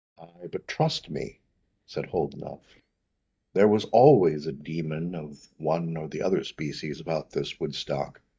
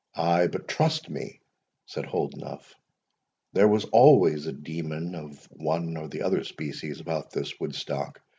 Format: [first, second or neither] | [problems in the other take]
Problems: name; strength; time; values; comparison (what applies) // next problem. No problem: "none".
second | noise reduction (neural mask model DeepFilterNet 3)